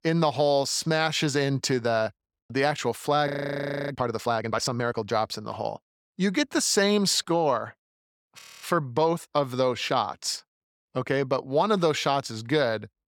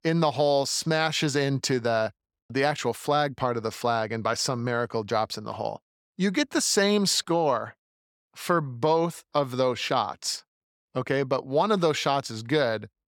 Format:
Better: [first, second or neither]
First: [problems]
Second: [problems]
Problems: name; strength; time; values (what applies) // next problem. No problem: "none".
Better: second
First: audio freezing; at 3.5 s for 0.5 s and at 8.5 s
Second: none